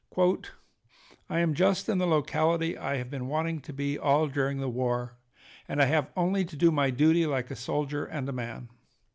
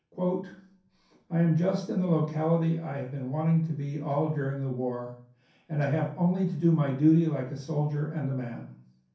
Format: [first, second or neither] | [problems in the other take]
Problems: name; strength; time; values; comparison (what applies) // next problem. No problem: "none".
first | room echo; dies away in 0.6 s